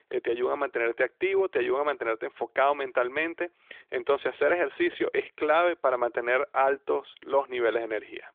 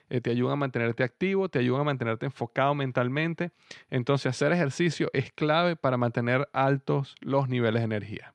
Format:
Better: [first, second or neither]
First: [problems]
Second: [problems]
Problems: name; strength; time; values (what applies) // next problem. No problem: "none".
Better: second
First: phone-call audio; nothing above 3.5 kHz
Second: none